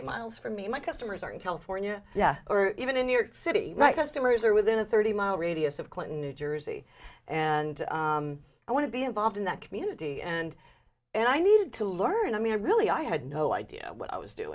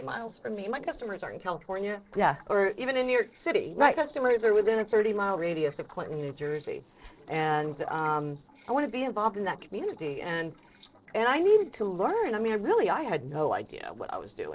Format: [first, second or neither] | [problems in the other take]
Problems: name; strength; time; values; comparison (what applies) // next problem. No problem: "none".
first | noise reduction (neural separator model SepFormer DNS4)